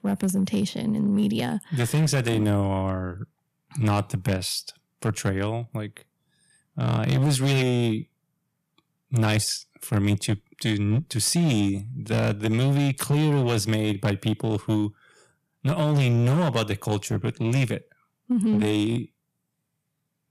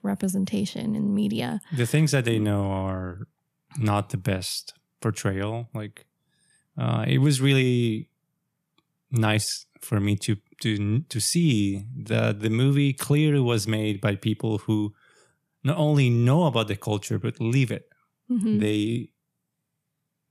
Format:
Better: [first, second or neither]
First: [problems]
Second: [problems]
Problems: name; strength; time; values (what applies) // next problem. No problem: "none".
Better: second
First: distortion; slight; 7% of the sound clipped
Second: none